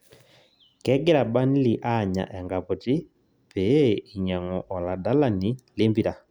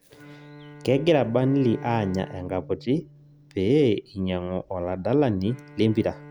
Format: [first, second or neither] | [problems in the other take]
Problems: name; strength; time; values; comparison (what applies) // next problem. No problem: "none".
first | background sound (Bowed string instrument); 19 dB below the speech